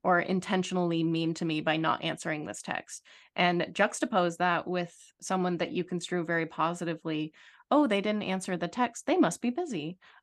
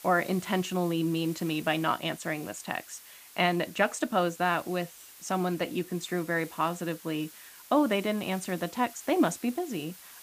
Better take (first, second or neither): first